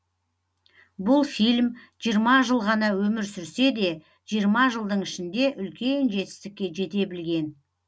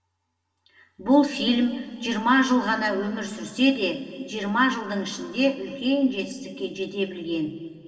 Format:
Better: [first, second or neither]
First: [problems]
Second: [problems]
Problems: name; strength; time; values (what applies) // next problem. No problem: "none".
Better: first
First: none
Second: room echo; dies away in 2.4 s